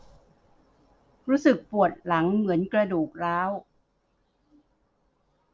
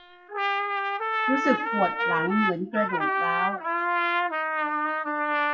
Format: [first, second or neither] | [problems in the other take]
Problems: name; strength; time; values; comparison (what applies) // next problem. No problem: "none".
first | noise reduction (classical method WPE with log-MMSE)